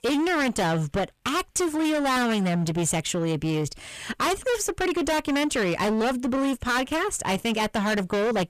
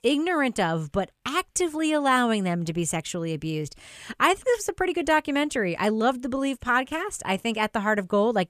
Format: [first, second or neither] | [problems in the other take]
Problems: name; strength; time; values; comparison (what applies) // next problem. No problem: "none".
second | distortion; heavy; 30% of the sound clipped